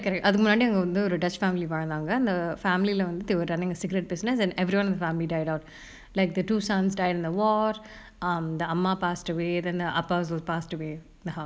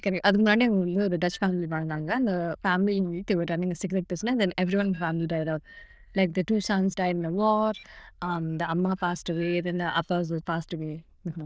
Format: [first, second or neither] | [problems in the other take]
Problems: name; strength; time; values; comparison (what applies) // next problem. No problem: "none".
first | noise reduction (neural diffusion model UNIVERSE++)